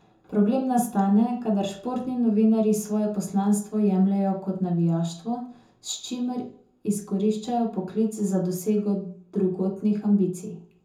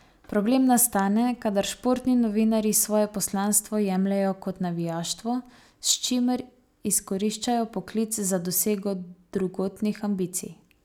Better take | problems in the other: second | room echo; dies away in 0.6 s

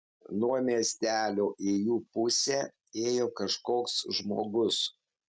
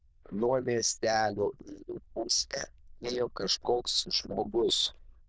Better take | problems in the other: first | noise reduction (neural diffusion model UNIVERSE++)

